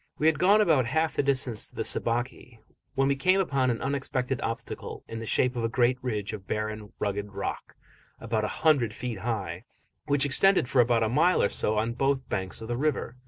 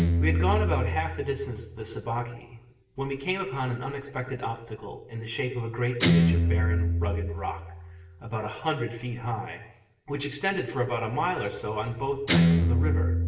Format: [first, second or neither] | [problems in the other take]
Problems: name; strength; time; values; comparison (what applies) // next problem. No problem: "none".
first | background sound (Guitar); 3 dB above the speech // room echo; dies away in 0.8 s